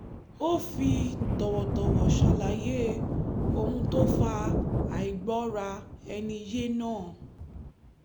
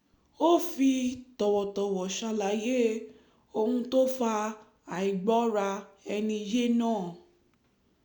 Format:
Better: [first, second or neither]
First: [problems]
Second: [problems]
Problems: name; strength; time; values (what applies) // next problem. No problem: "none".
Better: second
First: background sound (Thunder); 4 dB above the speech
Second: none